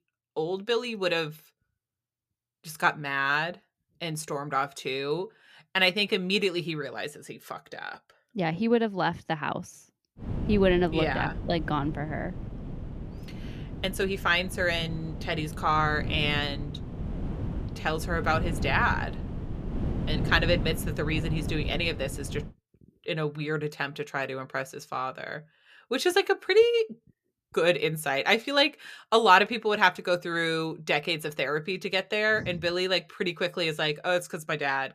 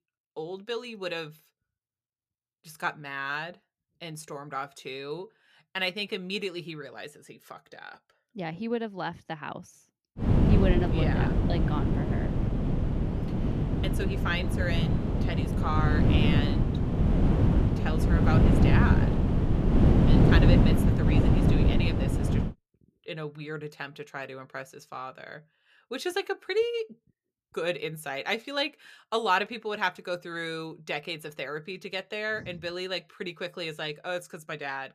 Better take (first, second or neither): first